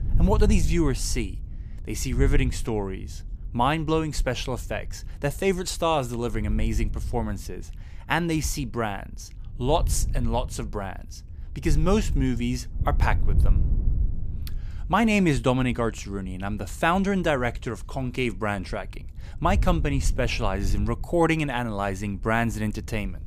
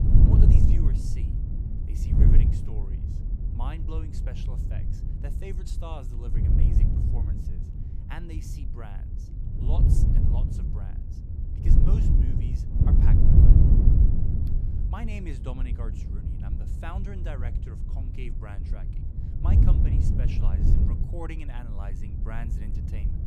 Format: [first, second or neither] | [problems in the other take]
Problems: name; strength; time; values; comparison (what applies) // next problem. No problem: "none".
first | wind noise on the microphone; heavy; 4 dB above the speech; occasional gusts in the first